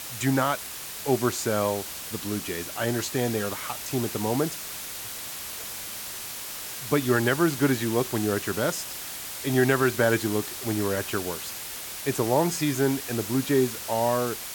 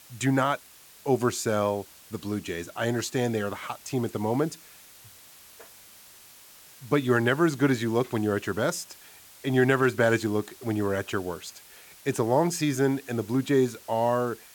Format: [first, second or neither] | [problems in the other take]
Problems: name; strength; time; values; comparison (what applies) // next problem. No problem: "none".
second | hiss; loud; throughout; 7 dB below the speech; faint in the second